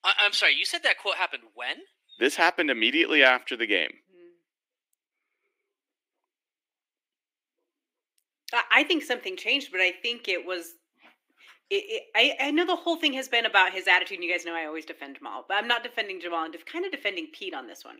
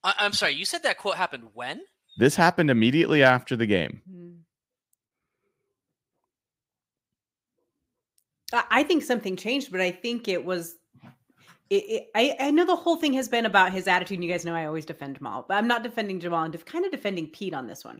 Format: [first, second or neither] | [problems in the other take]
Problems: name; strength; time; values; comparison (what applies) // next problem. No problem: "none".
second | thin; somewhat; fading below 300 Hz